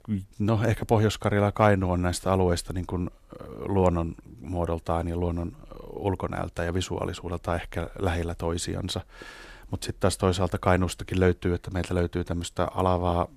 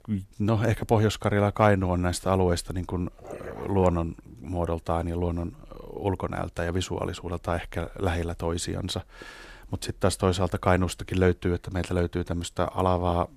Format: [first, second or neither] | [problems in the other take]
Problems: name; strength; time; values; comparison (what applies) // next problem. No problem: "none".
first | dog barking; faint; at 3 s; peak 15 dB below the speech